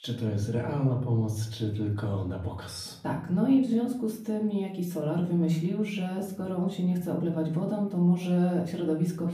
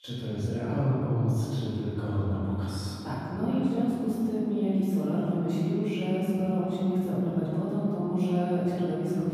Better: first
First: room echo; slight; dies away in 0.5 s // off-mic speech; far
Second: room echo; strong; dies away in 3 s // off-mic speech; far

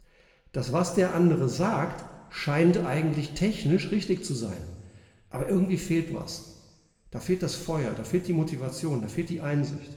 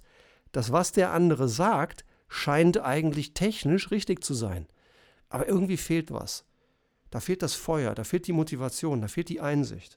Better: second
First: room echo; slight; dies away in 1 s // off-mic speech; somewhat distant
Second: none

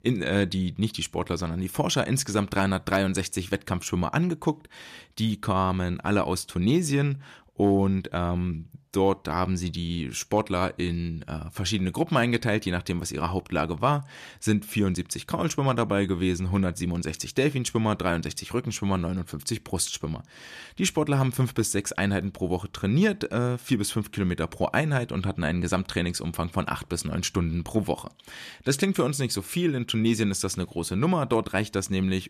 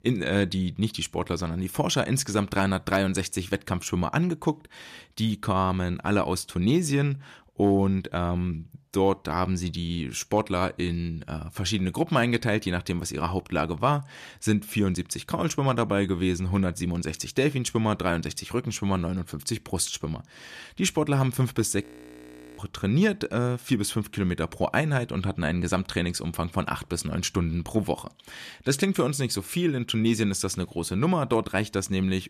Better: first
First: none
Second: audio freezing; at 22 s for 1 s

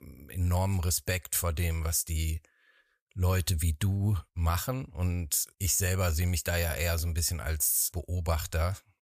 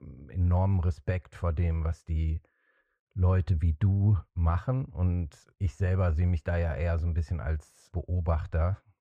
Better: first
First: none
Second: muffled; very; fading above 1.5 kHz

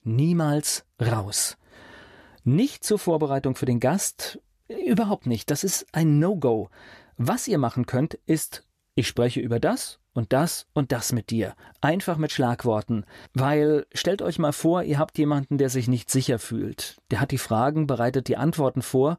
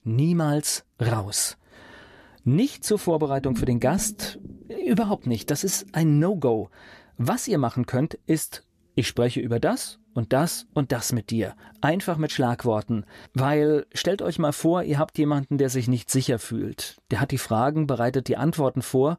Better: first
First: none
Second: low rumble; faint; throughout; 20 dB below the speech

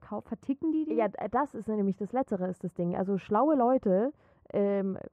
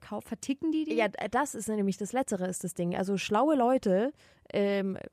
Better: second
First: muffled; very; fading above 2.5 kHz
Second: none

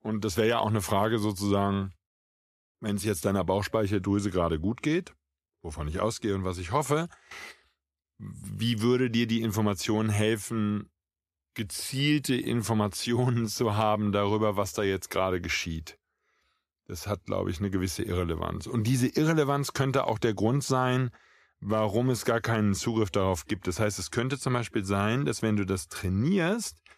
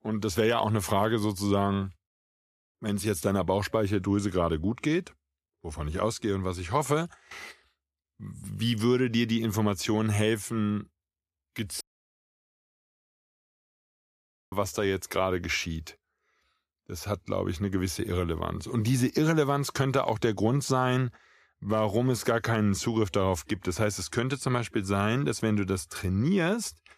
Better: first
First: none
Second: audio cutting out; at 12 s for 2.5 s

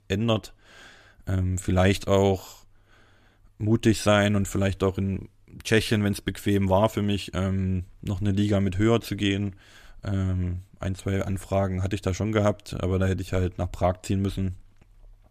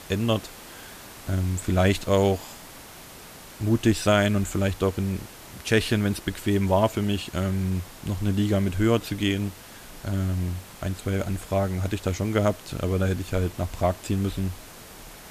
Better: first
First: none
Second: hiss; noticeable; throughout; 15 dB below the speech

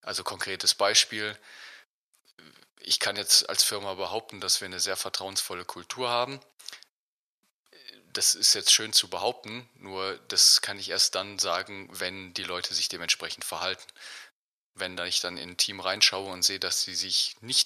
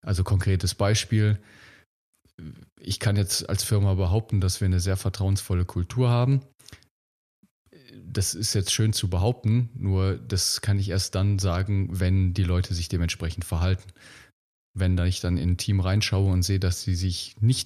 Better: second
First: thin; very; fading below 750 Hz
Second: none

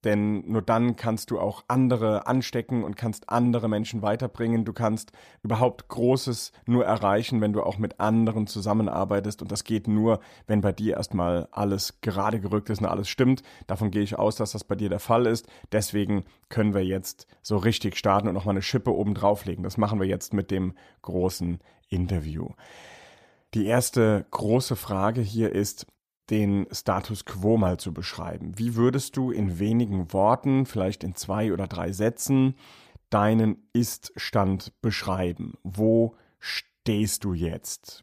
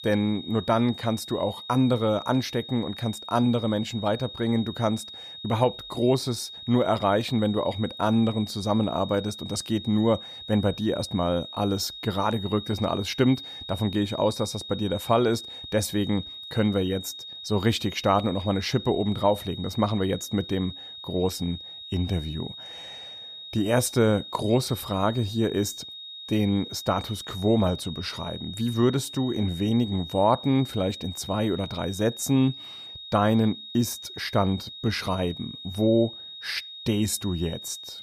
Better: first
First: none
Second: high-pitched whine; noticeable; throughout; 3.5 kHz, 10 dB below the speech

